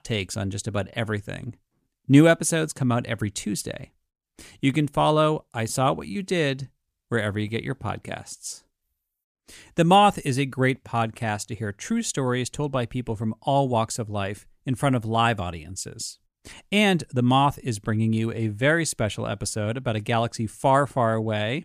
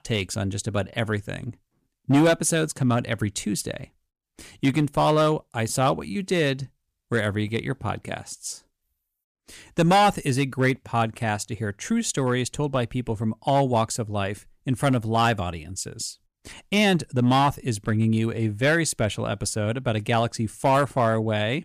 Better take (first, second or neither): first